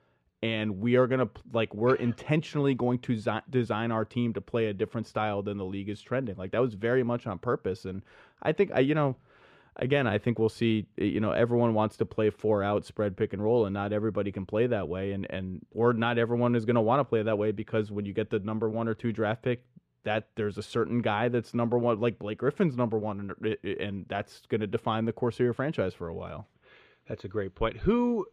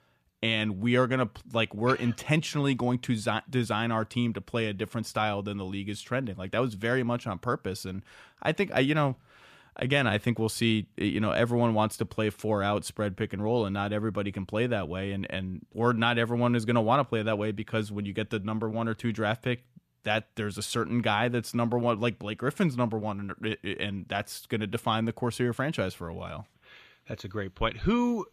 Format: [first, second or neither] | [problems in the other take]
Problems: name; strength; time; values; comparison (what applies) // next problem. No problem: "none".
second | muffled; slightly; fading above 2 kHz